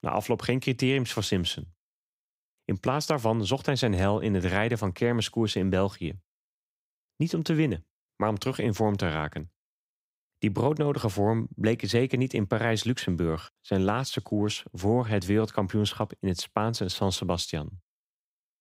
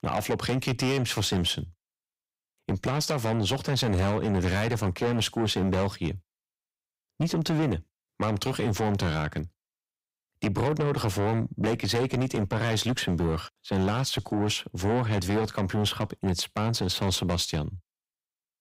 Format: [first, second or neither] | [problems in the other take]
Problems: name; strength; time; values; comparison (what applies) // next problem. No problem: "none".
first | distortion; heavy; 6 dB below the speech